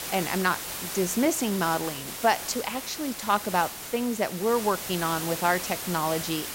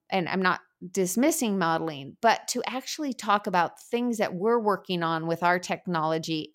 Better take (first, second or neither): second